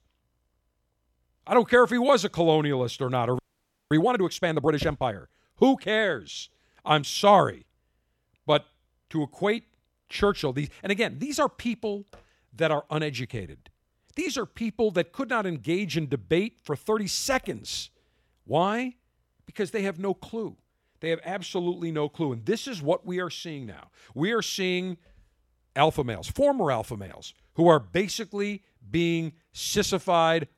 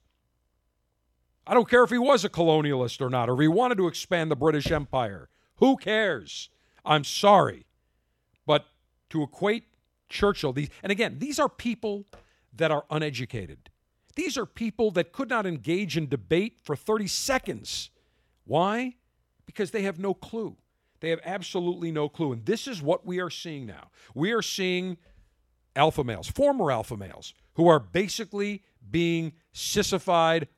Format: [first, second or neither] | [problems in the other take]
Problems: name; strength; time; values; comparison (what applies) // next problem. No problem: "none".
second | audio freezing; at 3.5 s for 0.5 s